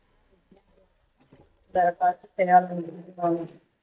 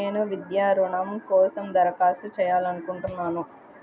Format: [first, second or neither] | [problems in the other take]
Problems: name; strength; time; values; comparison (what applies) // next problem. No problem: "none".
second | noise reduction (neural mask model DeepFilterNet 3)